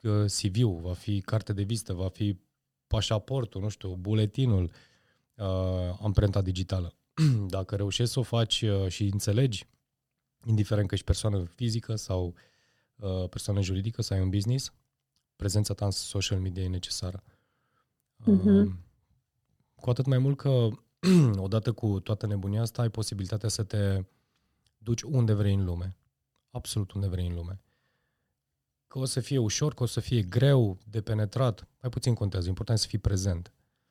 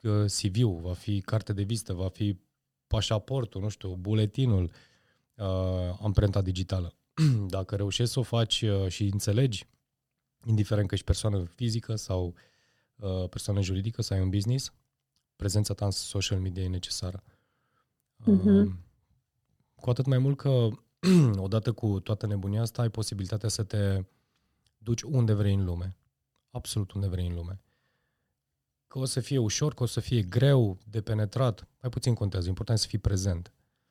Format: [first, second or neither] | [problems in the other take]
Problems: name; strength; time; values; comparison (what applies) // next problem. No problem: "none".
neither | none